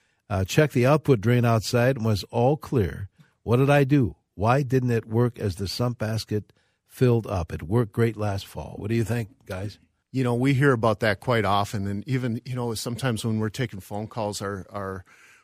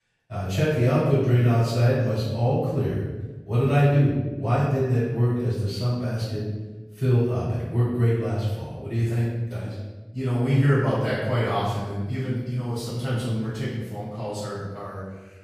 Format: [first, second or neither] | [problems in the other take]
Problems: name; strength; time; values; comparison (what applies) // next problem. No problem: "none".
first | off-mic speech; far // room echo; strong; dies away in 1.2 s